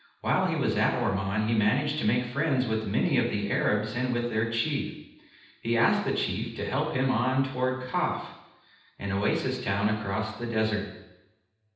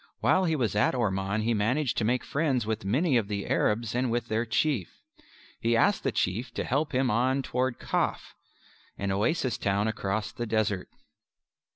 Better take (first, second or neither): second